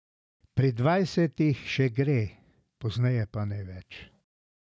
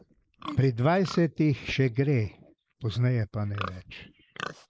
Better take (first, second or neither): first